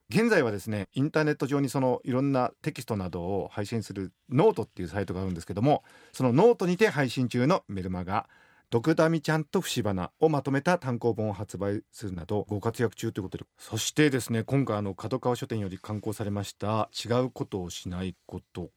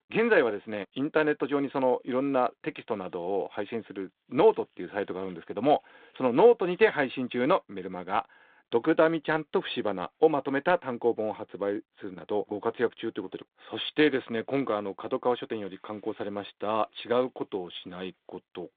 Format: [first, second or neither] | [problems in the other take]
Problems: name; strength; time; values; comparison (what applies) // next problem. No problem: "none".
first | phone-call audio; nothing above 3.5 kHz